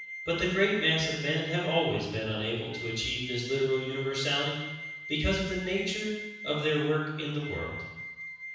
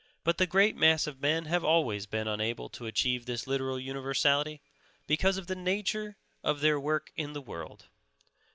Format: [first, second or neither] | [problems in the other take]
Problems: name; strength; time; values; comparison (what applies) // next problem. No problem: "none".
second | background sound (Wind instrument, woodwind instrument); 12 dB below the speech // room echo; dies away in 1.1 s